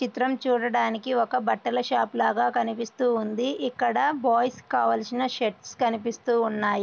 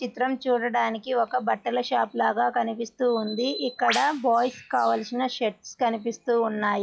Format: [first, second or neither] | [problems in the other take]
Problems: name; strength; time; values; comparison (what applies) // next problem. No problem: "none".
first | noise reduction (classical method log-MMSE)